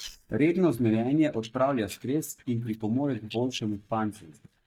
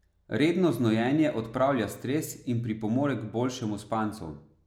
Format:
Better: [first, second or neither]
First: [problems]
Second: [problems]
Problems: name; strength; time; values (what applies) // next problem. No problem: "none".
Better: second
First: noise reduction (neural mask model DeepFilterNet 3)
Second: none